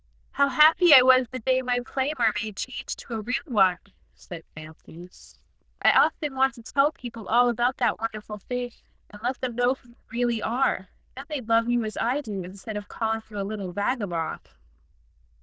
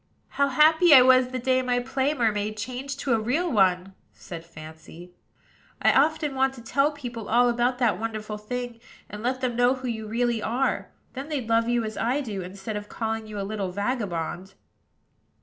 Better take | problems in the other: second | noise reduction (neural diffusion model UNIVERSE++)

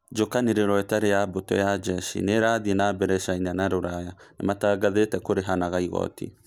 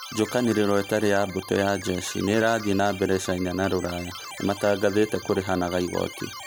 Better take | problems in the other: first | background sound (Keyboard (musical)); 14 dB below the speech

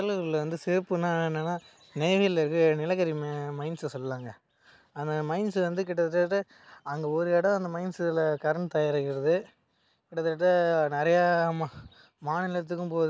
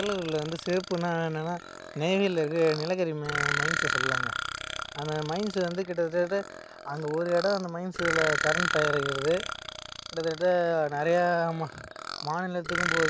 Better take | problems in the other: first | background sound (Burping, eructation); 5 dB below the speech

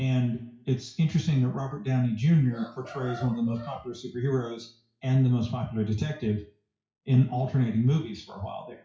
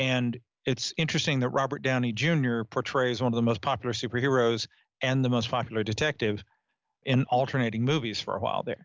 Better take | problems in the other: second | noise reduction (classical method WPE with log-MMSE)

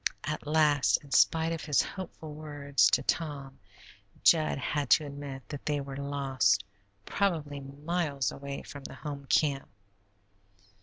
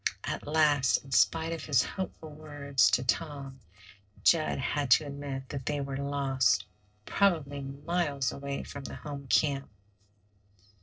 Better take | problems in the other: first | noise reduction (neural separator model SepFormer DNS4)

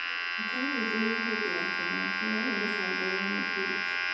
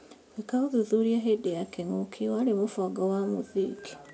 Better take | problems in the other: second | background sound (Domestic sounds, home sounds); 5 dB above the speech // room echo; dies away in 0.8 s

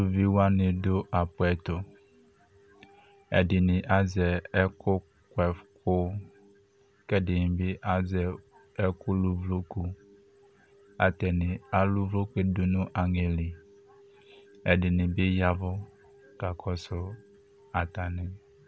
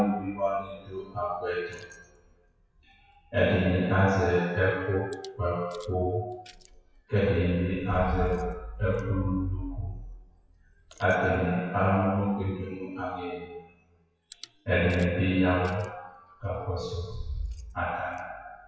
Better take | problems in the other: first | noise reduction (classical method WPE with log-MMSE)

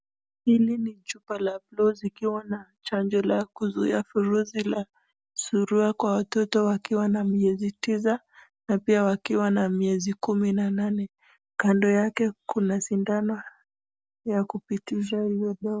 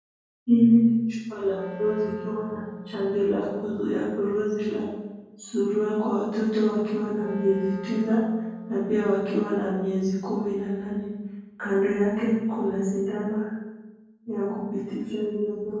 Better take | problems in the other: first | background sound (Wind instrument, woodwind instrument); 16 dB below the speech // room echo; dies away in 1.3 s

